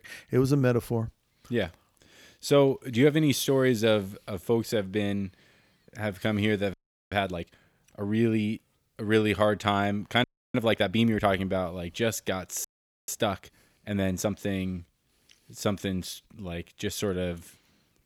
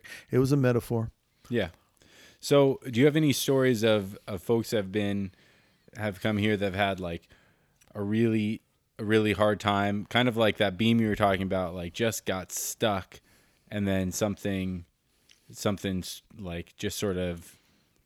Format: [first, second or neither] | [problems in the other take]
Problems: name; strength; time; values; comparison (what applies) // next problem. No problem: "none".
second | audio freezing; at 6.5 s, at 10 s and at 13 s